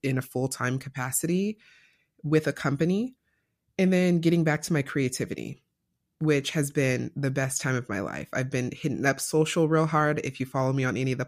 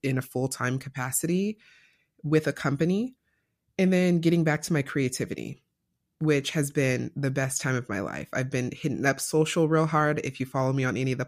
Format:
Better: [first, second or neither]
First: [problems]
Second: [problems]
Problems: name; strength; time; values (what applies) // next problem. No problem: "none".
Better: neither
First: none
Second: none